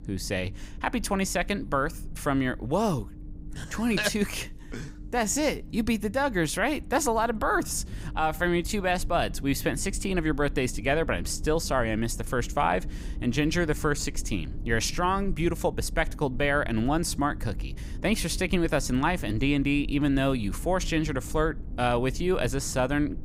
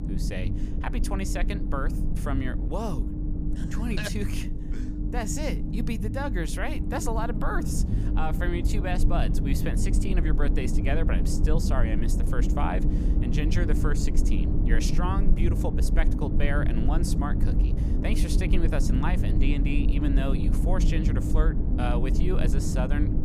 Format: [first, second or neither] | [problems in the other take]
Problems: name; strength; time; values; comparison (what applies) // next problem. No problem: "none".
first | low rumble; loud; throughout; 4 dB below the speech; faint in the first